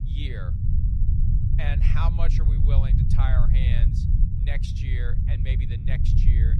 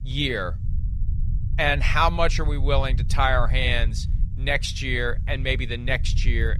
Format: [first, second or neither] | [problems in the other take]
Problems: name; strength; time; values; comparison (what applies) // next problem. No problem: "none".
second | low rumble; loud; throughout; 2 dB below the speech; faint in the second